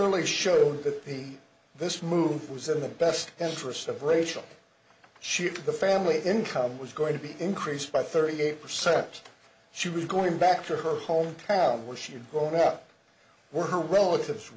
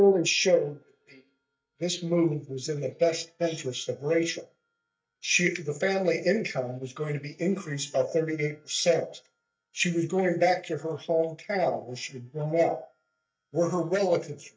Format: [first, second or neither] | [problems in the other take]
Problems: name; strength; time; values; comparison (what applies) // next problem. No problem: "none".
first | noise reduction (neural mask model DeepFilterNet 3)